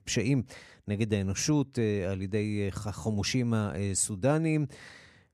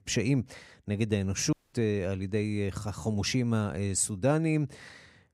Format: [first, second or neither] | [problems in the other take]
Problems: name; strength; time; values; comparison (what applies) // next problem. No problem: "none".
first | audio cutting out; at 1.5 s